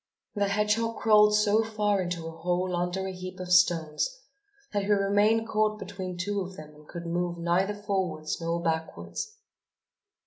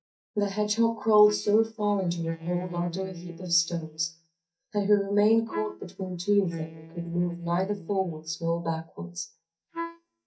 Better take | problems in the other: first | noise reduction (neural mask model DeepFilterNet 3)

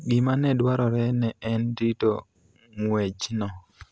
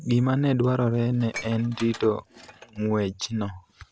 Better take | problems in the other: first | background sound (Dishes, pots, and pans); 19 dB below the speech

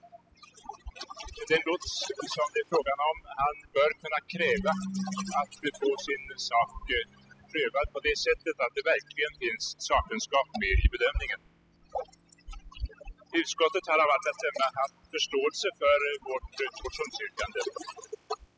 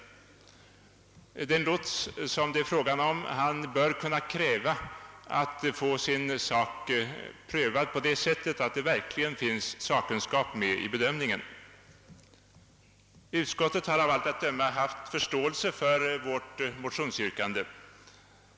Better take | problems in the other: second | noise reduction (classical method spectral subtraction)

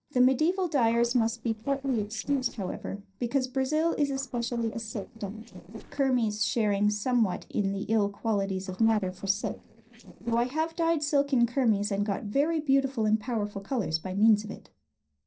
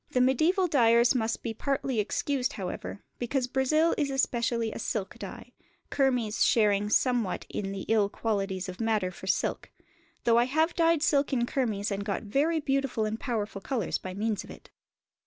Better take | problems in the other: second | noise reduction (neural separator model SepFormer DNS4)

